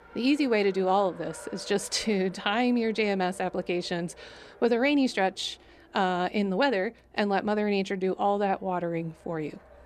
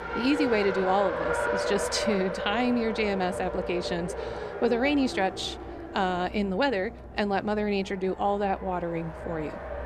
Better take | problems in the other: first | traffic noise; loud; throughout; 5 dB below the speech; faint in the first

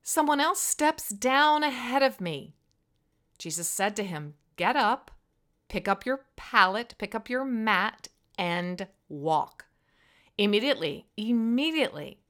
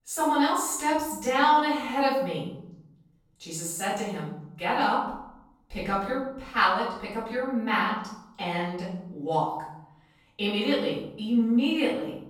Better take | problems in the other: first | off-mic speech; far // room echo; noticeable; dies away in 0.8 s

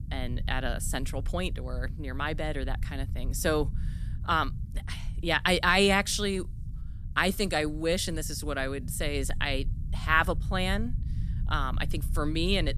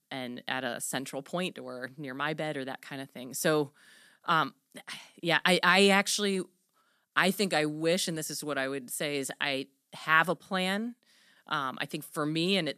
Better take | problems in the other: second | low rumble; faint; throughout; 25 dB below the speech

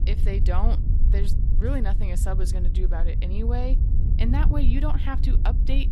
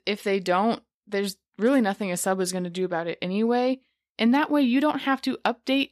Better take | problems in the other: second | wind noise on the microphone; heavy; 7 dB below the speech

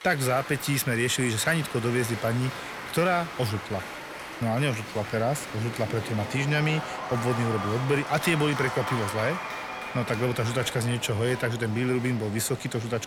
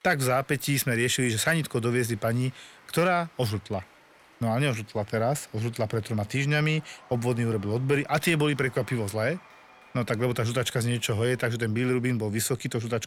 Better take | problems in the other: second | crowd noise; loud; throughout; 8 dB below the speech; faint in the second

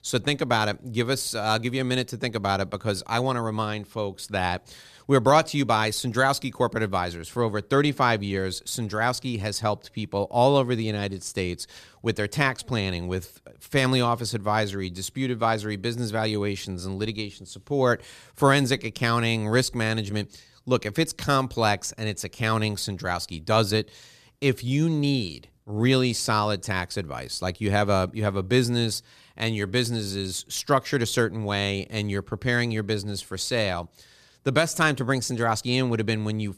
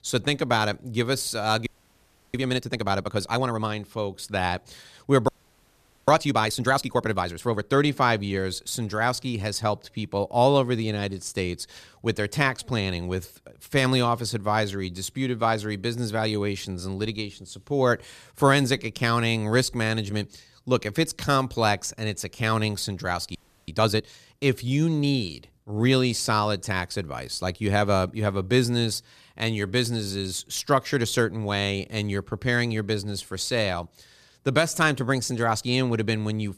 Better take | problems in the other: first | audio freezing; at 1.5 s for 0.5 s, at 5.5 s for 1 s and at 23 s

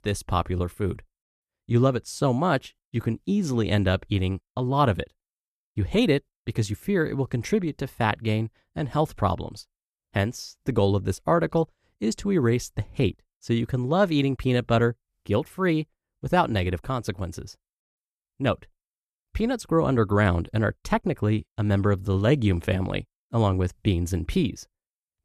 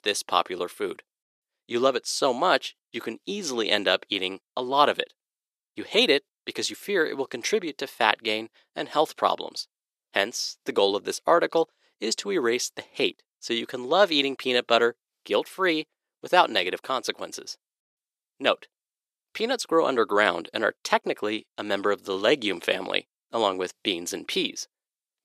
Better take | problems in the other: first | thin; very; fading below 350 Hz

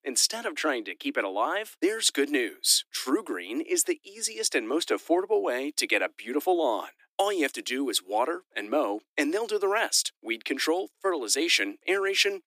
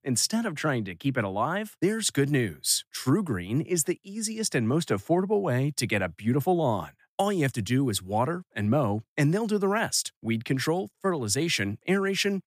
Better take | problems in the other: second | thin; somewhat; fading below 300 Hz

